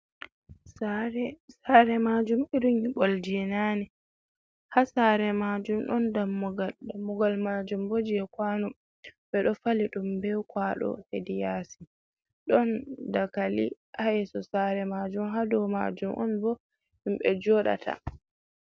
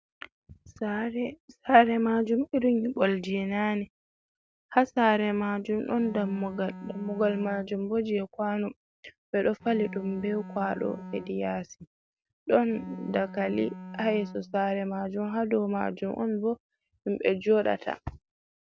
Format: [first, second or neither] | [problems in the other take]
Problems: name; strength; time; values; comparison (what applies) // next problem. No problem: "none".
first | background sound (Bowed string instrument); 14 dB below the speech